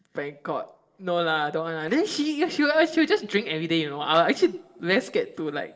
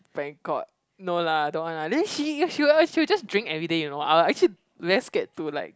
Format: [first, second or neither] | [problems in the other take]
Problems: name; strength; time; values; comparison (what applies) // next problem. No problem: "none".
second | noise reduction (neural separator model SepFormer DNS4)